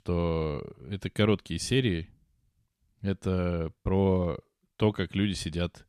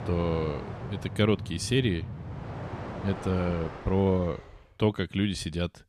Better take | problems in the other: first | train or aircraft noise; noticeable; until 4 s; 10 dB below the speech

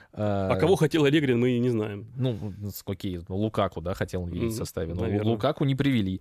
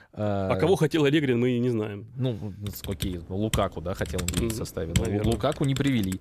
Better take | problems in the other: first | keyboard typing; noticeable; from 2.5 s on; peak 3 dB below the speech

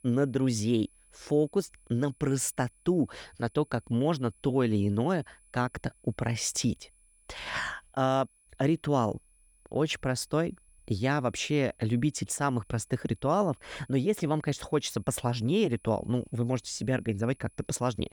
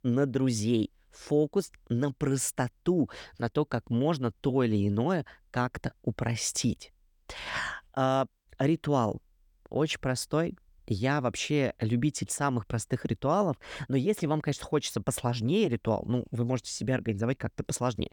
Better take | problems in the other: second | high-pitched whine; faint; throughout; 10 kHz, 30 dB below the speech

